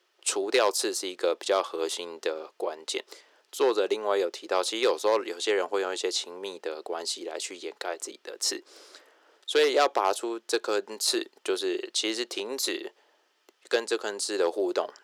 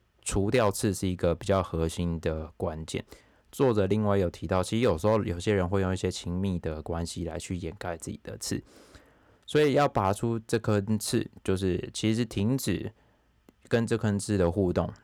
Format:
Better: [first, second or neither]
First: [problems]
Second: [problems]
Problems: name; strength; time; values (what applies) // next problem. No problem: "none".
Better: second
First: thin; very; fading below 350 Hz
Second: none